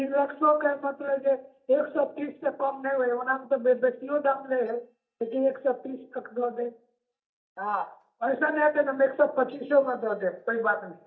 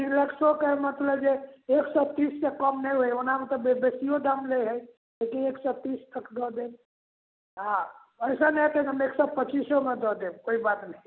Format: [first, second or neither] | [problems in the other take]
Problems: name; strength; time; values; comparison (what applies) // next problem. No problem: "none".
second | noise reduction (neural mask model DeepFilterNet 3)